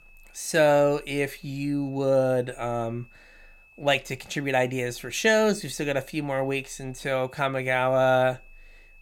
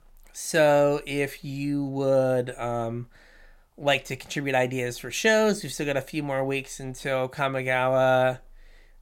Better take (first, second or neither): second